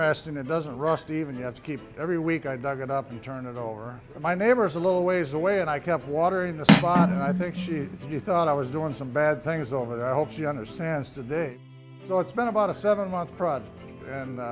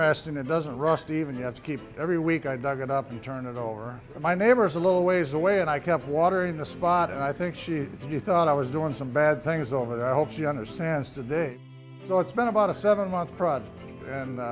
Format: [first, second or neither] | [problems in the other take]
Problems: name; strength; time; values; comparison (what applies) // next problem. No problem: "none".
second | background sound (Cutlery, silverware); 2 dB above the speech